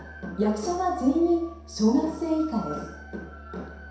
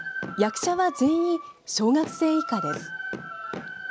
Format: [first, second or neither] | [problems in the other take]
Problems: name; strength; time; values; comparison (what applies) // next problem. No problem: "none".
second | background sound (Musical instrument); 18 dB below the speech // room echo; dies away in 0.7 s